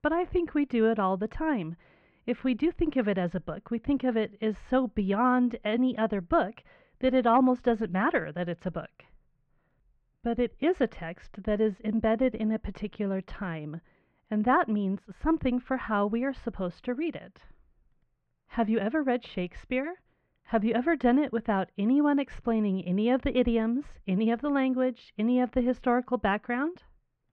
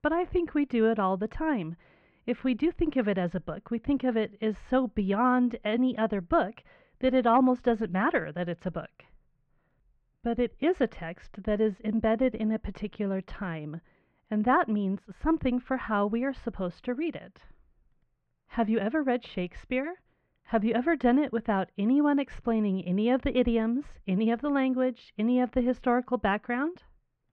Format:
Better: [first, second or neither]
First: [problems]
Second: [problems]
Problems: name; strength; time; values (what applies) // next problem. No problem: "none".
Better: neither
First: muffled; very; fading above 2.5 kHz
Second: muffled; very; fading above 2.5 kHz